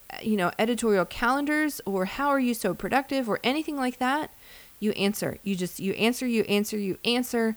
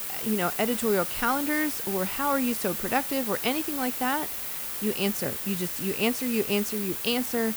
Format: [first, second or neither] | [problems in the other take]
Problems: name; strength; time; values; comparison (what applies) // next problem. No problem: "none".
first | hiss; loud; throughout; 2 dB below the speech; faint in the first